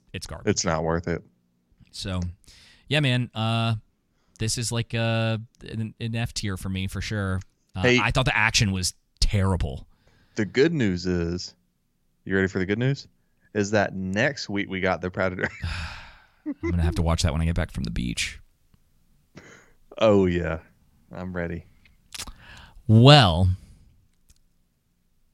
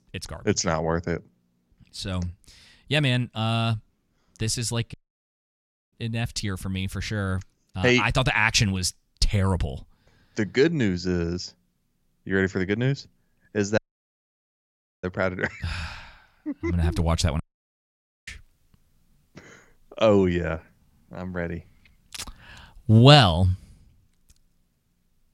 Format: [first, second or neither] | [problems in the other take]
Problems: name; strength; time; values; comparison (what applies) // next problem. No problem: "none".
first | audio cutting out; at 5 s for 1 s, at 14 s for 1.5 s and at 17 s for 1 s